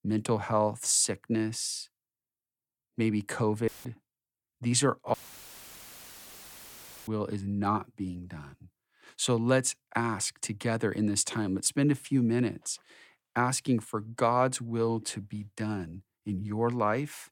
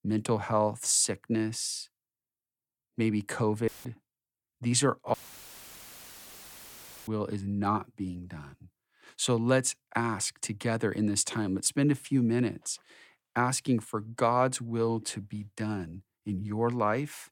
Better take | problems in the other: neither | audio cutting out; filled with static; at 3.5 s and at 5 s for 2 s; the same in both

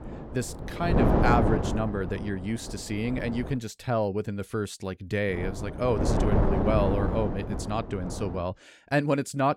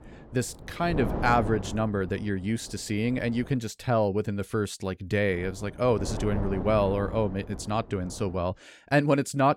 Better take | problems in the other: second | wind noise on the microphone; heavy; until 3.5 s and from 5.5 to 8.5 s; 2 dB below the speech; occasional gusts in the second

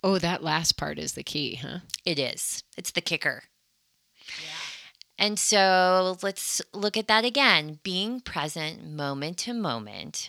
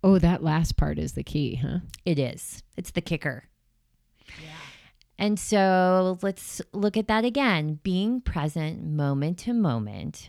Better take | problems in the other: second | thin; somewhat; fading below 900 Hz

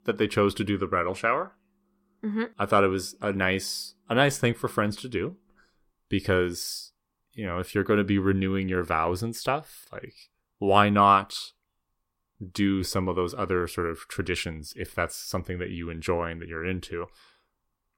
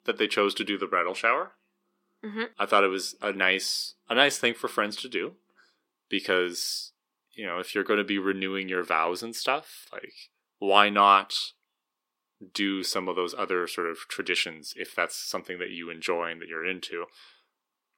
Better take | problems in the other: first | thin; somewhat; fading below 250 Hz

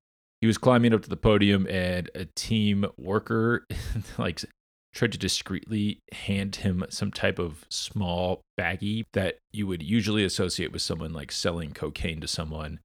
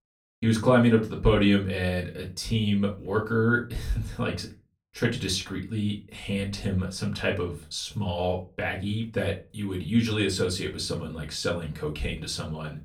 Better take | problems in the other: first | off-mic speech; far // room echo; very slight; dies away in 0.3 s

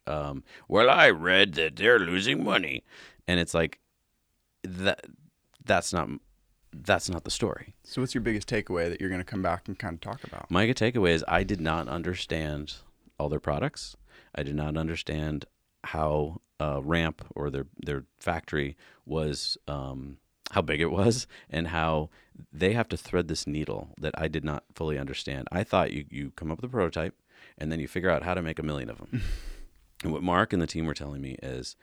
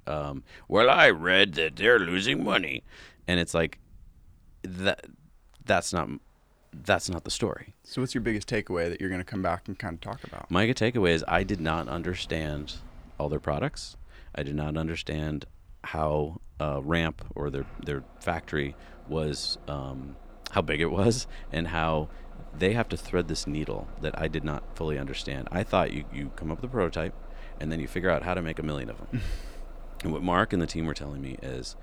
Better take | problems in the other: first | traffic noise; faint; throughout; 20 dB below the speech

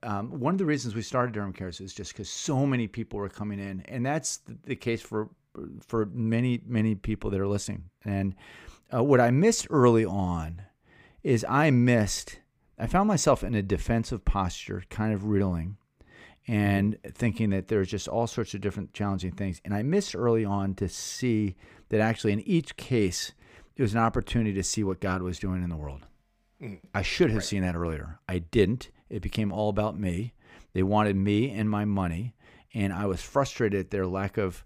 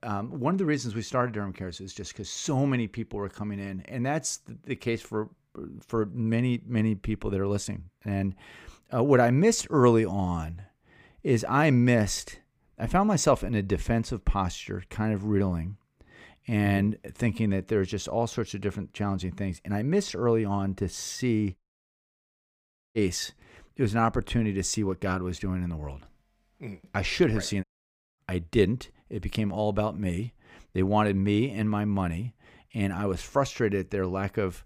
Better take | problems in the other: first | audio cutting out; at 22 s for 1.5 s and at 28 s for 0.5 s

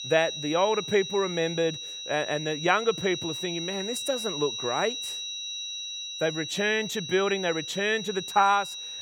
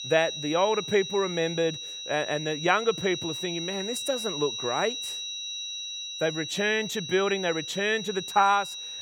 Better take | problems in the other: neither | high-pitched whine; loud; throughout; 4 kHz, 6 dB below the speech; the same in both

